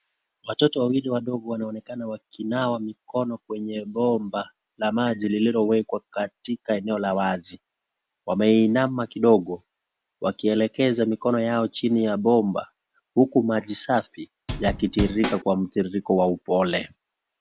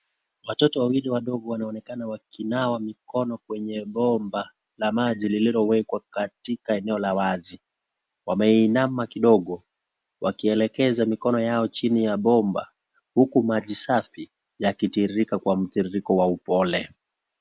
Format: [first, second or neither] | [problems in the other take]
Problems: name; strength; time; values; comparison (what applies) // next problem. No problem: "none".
second | background sound (Drum / Drum kit); 5 dB below the speech